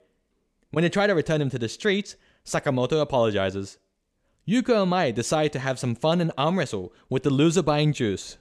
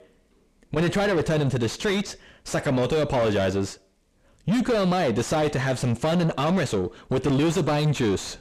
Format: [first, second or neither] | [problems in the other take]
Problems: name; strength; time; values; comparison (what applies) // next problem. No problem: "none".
first | distortion; heavy; 5 dB below the speech